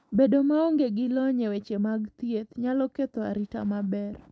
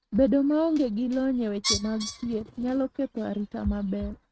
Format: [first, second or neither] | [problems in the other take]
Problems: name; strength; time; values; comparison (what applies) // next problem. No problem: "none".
first | noise reduction (neural mask model RNNoise)